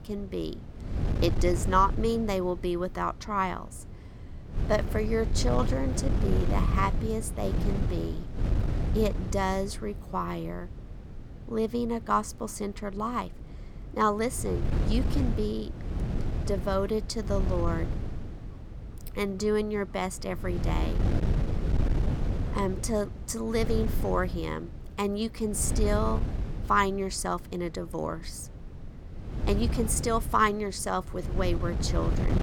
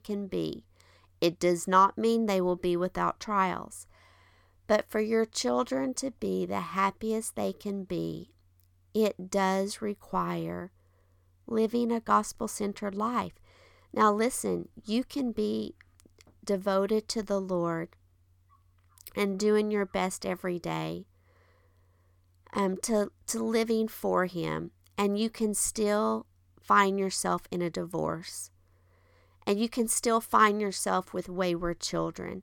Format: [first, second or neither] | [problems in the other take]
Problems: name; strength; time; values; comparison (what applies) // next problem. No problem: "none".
second | wind noise on the microphone; occasional gusts; 10 dB below the speech